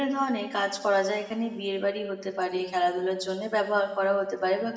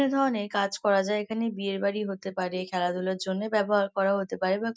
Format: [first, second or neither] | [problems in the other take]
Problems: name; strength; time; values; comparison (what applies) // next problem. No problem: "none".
second | room echo; dies away in 2.7 s